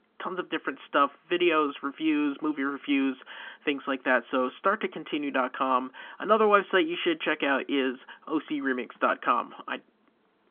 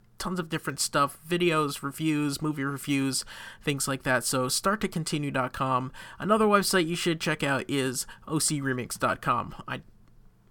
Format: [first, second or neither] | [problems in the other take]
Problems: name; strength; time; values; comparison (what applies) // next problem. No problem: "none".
second | phone-call audio; nothing above 3.5 kHz